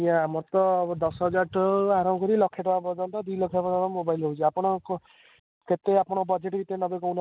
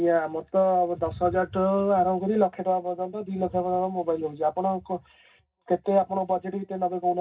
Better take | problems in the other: first | room echo; dies away in 0.4 s

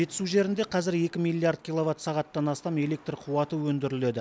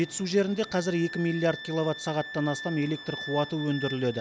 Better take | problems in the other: first | background sound (Wind instrument, woodwind instrument); 12 dB below the speech

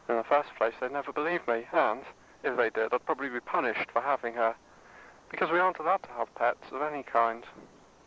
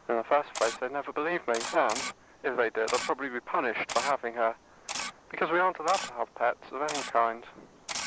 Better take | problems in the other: first | background sound (Camera); 10 dB below the speech

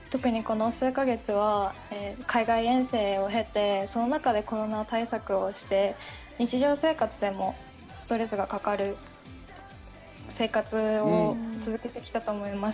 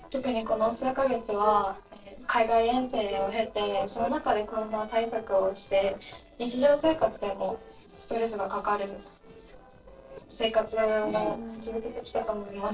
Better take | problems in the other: first | noise reduction (neural separator model SepFormer DNS4)

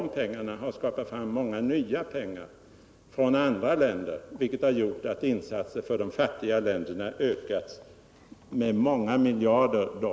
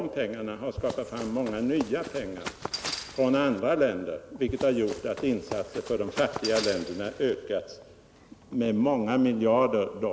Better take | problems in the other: first | background sound (Run); 11 dB below the speech

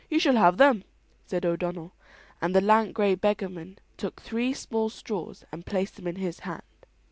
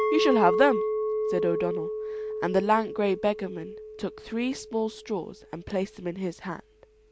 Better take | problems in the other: first | background sound (Chink, clink); 3 dB below the speech

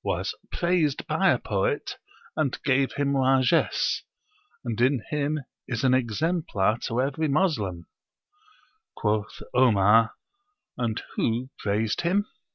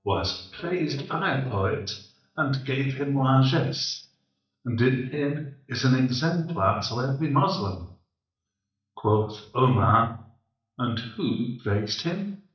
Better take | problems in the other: first | noise reduction (neural mask model DeepFilterNet 3)

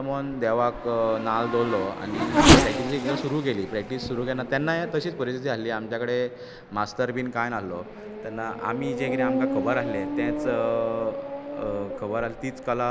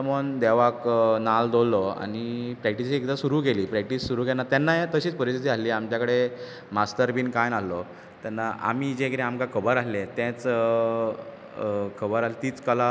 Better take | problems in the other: second | background sound (Race car, auto racing / Accelerating, revving, vroom); as loud as the speech

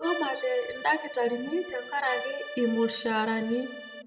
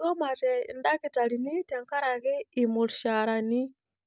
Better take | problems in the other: second | background sound (Accordion); 10 dB below the speech // room echo; dies away in 1.3 s

